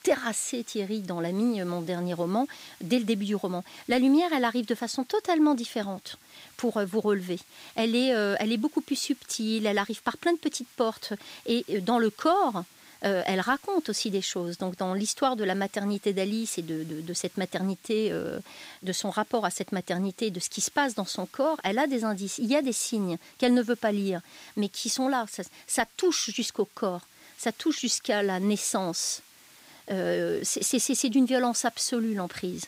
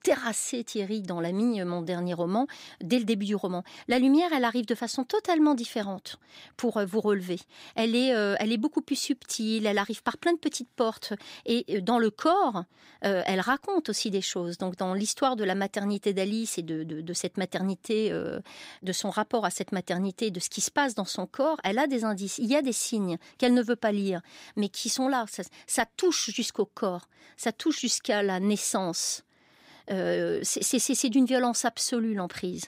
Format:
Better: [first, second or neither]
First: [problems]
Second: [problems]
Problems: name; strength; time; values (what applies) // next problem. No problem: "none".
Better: second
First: hiss; faint; throughout; 25 dB below the speech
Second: none